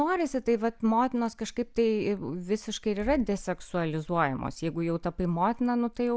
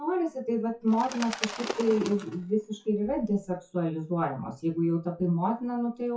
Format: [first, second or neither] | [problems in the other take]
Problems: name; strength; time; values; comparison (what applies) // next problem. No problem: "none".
first | noise reduction (classical method WPE with log-MMSE)